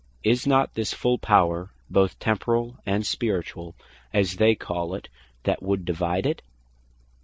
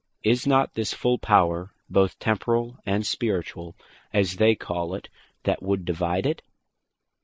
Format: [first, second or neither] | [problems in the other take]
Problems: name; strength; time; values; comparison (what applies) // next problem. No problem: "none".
first | noise reduction (neural mask model Resemble Enhance denoiser)